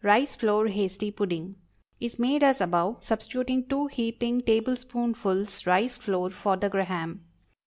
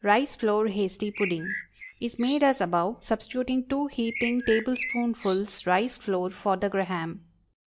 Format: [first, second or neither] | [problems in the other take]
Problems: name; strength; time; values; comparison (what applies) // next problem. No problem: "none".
first | noise reduction (neural mask model Resemble Enhance denoiser)